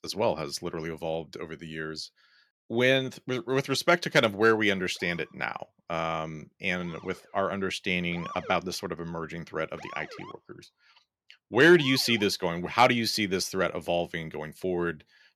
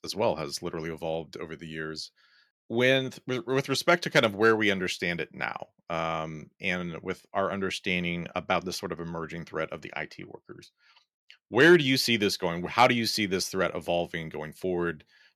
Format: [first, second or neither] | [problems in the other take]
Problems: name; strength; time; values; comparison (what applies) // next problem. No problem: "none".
second | siren; faint; from 5 to 12 s; peak 15 dB below the speech